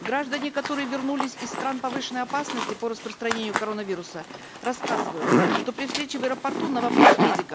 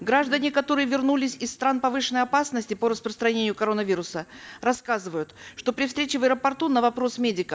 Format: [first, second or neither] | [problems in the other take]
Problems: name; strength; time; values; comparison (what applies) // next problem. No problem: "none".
second | background sound (Zipper (clothing)); 4 dB above the speech